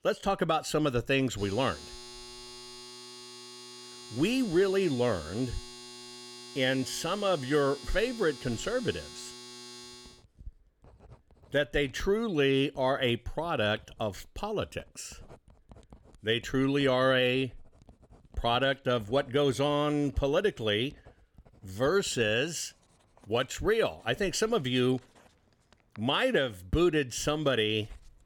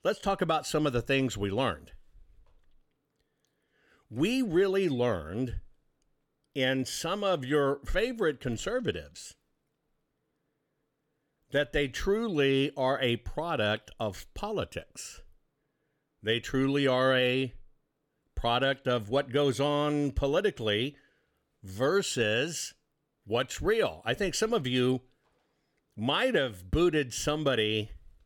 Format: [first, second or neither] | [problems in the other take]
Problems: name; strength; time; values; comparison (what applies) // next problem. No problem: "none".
second | household noises; noticeable; throughout; 20 dB below the speech